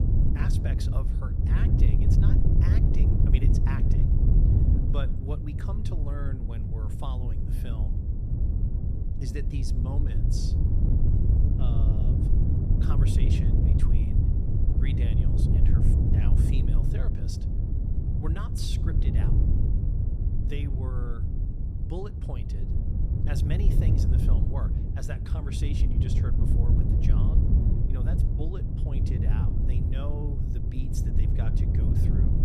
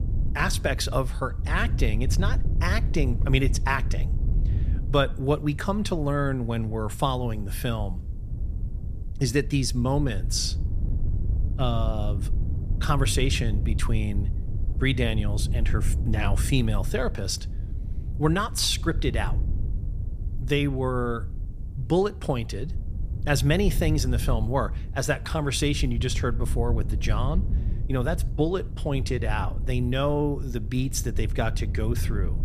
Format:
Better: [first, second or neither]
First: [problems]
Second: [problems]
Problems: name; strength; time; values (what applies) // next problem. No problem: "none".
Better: second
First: wind noise on the microphone; heavy; 4 dB above the speech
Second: wind noise on the microphone; occasional gusts; 15 dB below the speech